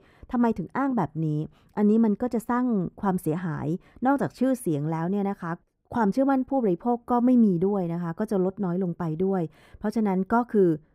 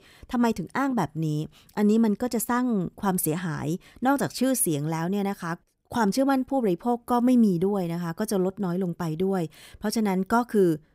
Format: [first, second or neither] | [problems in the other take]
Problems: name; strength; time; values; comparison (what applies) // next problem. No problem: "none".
second | muffled; very; fading above 2.5 kHz